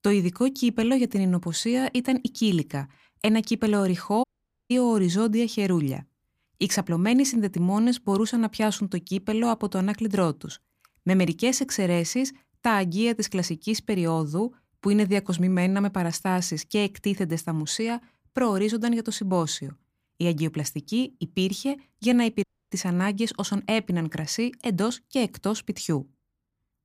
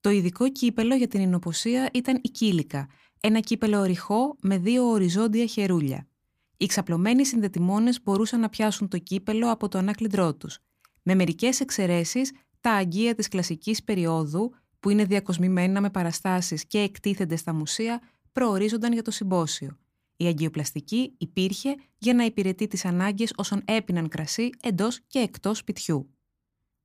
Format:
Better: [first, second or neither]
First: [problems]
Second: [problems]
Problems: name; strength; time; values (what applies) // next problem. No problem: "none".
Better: second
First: audio cutting out; at 4 s and at 22 s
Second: none